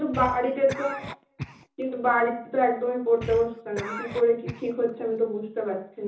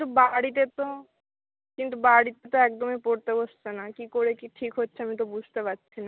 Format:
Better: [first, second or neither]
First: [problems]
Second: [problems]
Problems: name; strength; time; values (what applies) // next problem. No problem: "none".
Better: second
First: background sound (Cough); 14 dB below the speech // room echo; dies away in 0.6 s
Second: none